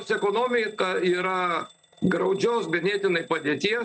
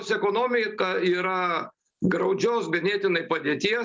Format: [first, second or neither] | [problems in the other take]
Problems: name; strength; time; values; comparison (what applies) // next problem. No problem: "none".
second | noise reduction (neural mask model RNNoise)